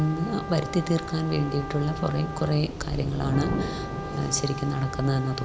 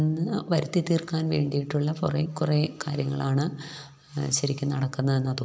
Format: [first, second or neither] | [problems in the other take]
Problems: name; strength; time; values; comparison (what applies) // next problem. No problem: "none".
second | background sound (Trumpet + Thunder / Rain); 6 dB below the speech